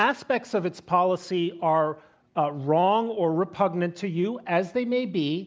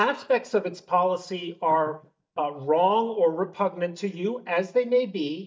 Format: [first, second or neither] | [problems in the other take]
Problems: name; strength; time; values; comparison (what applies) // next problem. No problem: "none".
first | noise reduction (neural mask model DeepFilterNet 3)